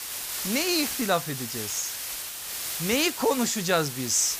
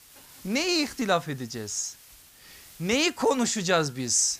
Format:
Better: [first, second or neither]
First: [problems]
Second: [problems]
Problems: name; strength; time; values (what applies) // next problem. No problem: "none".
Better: second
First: hiss; loud; throughout; 5 dB below the speech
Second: hiss; faint; throughout; 25 dB below the speech